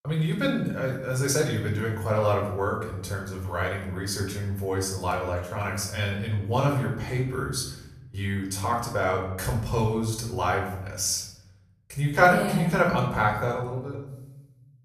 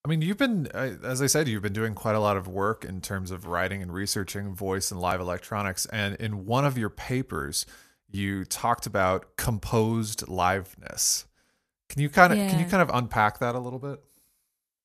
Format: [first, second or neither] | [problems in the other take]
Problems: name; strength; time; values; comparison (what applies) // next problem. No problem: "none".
second | off-mic speech; far // room echo; noticeable; dies away in 1 s